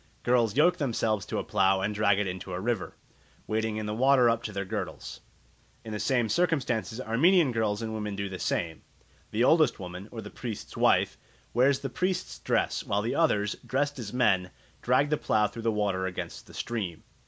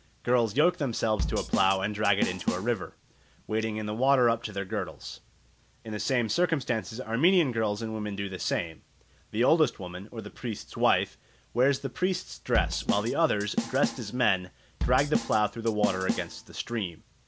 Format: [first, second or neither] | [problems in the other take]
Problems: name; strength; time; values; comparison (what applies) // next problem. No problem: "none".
first | background sound (Drum / Drum kit); 5 dB below the speech